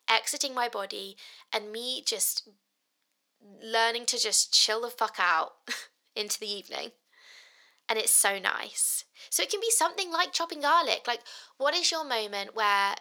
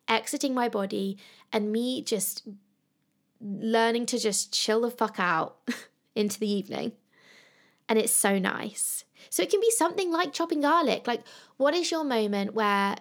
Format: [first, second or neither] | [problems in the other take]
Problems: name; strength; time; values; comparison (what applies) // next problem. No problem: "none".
second | thin; very; fading below 750 Hz